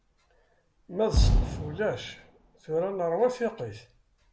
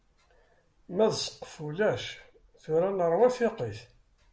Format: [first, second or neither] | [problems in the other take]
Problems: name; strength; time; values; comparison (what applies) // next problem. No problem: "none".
second | background sound (Fireworks); 3 dB above the speech